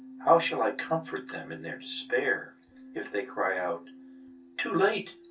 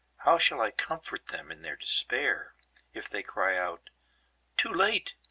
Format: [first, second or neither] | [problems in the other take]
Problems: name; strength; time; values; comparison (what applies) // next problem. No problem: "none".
second | background sound (Keyboard (musical)); 18 dB below the speech // room echo; dies away in 0.3 s